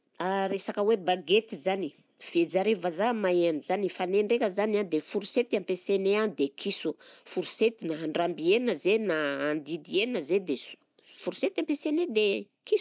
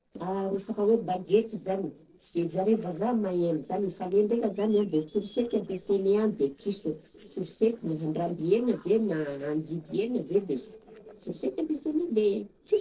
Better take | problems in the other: first | noise reduction (neural separator model SepFormer DNS4)

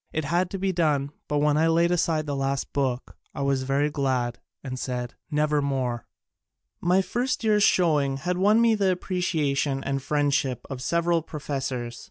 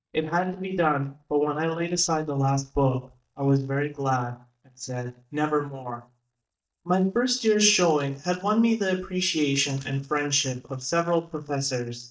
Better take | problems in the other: first | noise reduction (neural mask model DeepFilterNet 3)

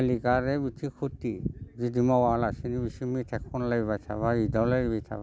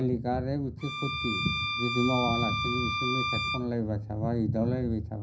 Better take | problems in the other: first | background sound (Bowed string instrument); 3 dB below the speech // room echo; dies away in 0.5 s

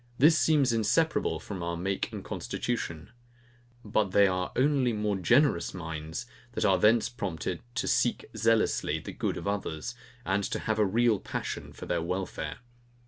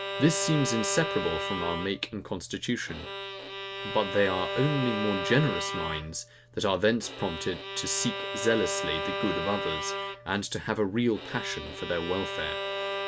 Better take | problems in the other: first | background sound (Bowed string instrument); 5 dB below the speech

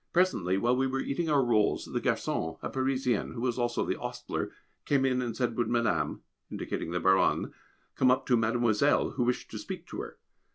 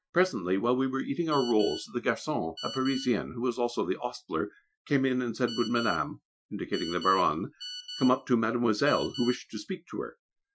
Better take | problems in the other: first | noise reduction (classical method Wiener filter)

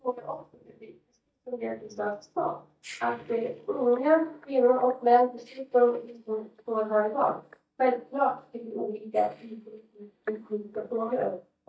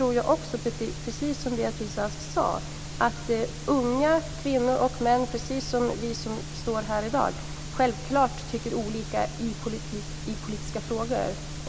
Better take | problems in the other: second | noise reduction (neural mask model DeepFilterNet 3)

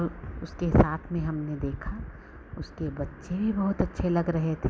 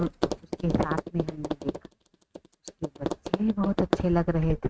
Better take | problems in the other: first | noise reduction (neural mask model RNNoise)

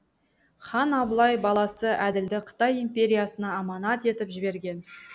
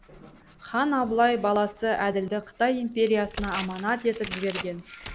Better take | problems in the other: first | background sound (Tearing); 15 dB below the speech

